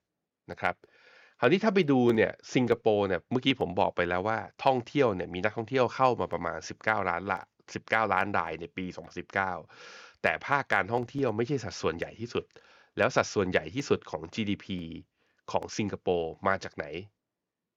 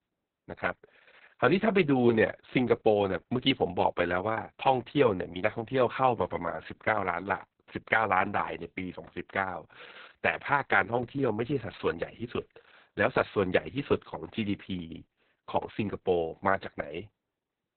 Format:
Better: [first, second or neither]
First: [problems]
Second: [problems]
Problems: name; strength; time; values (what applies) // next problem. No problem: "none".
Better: first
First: none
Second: garbled, watery; badly; nothing above 4 kHz